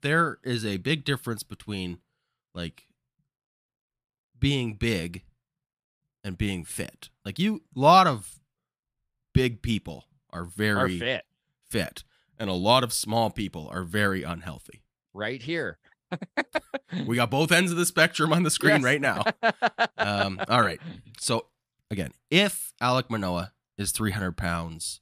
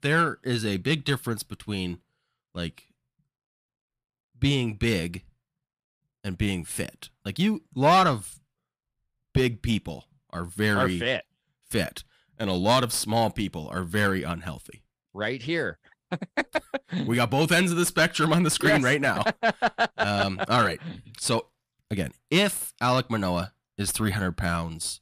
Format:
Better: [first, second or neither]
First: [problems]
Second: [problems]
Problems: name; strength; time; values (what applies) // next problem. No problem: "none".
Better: first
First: none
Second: distortion; slight; 10 dB below the speech